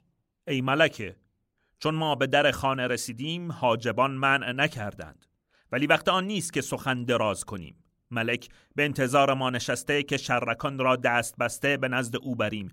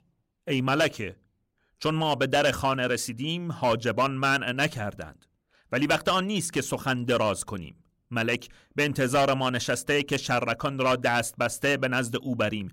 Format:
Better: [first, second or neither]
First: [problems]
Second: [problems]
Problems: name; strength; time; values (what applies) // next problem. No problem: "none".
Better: first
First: none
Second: distortion; slight; 4% of the sound clipped